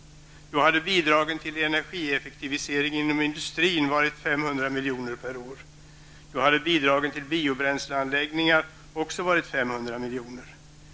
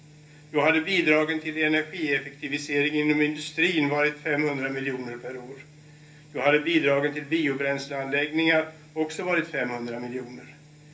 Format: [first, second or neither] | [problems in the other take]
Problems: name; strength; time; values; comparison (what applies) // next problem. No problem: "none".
first | room echo; dies away in 0.3 s